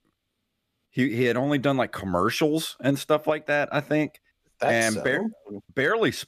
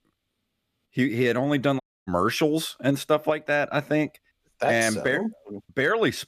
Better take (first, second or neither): first